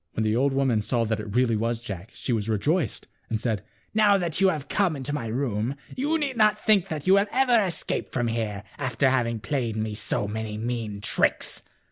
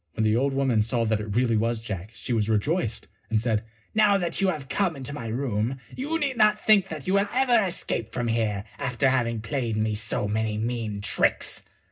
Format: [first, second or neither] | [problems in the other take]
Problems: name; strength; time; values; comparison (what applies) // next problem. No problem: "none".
first | background sound (Skateboard); 18 dB below the speech // room echo; dies away in 0.2 s